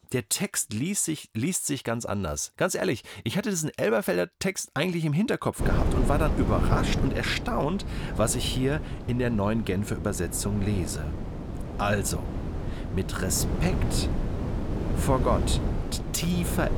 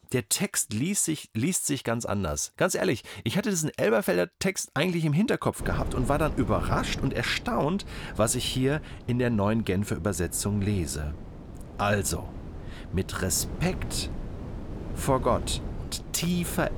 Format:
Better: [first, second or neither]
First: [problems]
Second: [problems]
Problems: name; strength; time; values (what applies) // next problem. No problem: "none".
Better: second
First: wind noise on the microphone; heavy; from 5.5 s on; 8 dB below the speech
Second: wind noise on the microphone; occasional gusts; from 5.5 s on; 15 dB below the speech